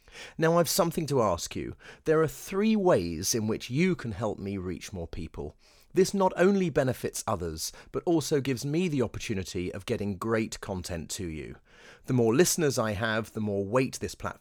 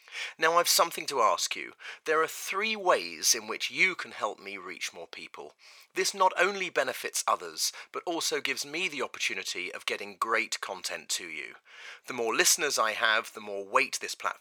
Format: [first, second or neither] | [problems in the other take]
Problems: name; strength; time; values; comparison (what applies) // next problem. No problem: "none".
first | thin; very; fading below 650 Hz